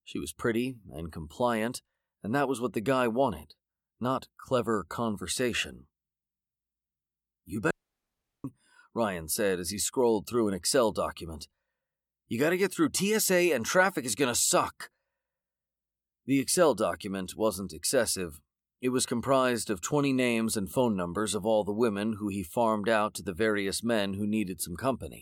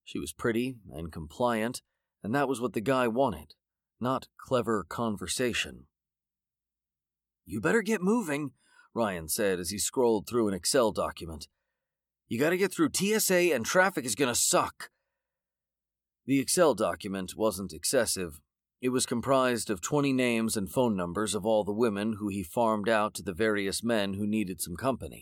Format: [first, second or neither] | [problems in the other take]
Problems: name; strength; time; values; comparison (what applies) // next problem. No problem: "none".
second | audio cutting out; at 7.5 s for 0.5 s